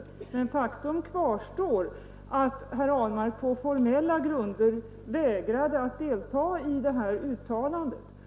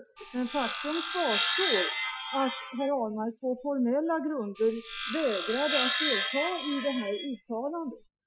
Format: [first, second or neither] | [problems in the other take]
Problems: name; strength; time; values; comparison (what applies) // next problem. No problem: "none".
first | noise reduction (classical method Wiener filter)